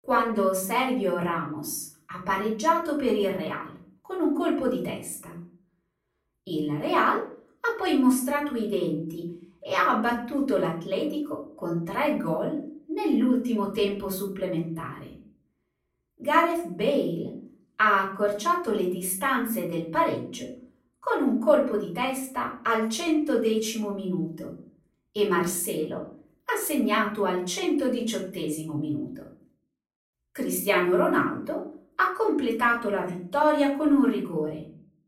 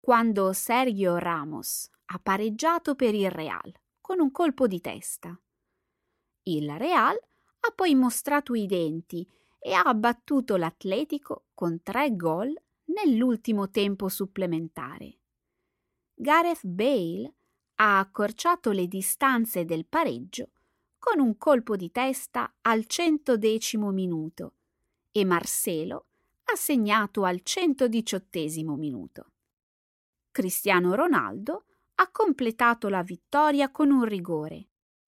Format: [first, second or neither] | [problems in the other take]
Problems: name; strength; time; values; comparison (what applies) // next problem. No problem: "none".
second | room echo; slight; dies away in 0.4 s // off-mic speech; far